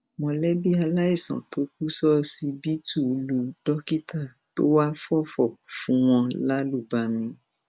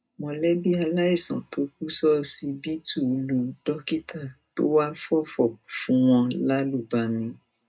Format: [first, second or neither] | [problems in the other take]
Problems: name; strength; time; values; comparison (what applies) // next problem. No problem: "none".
first | room echo; dies away in 0.2 s